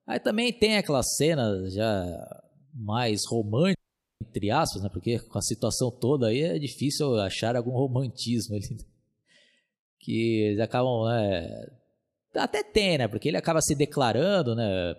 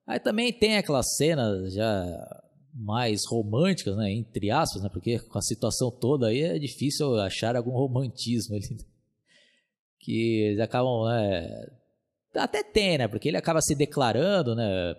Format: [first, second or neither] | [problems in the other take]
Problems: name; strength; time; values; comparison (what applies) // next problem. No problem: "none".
second | audio cutting out; at 4 s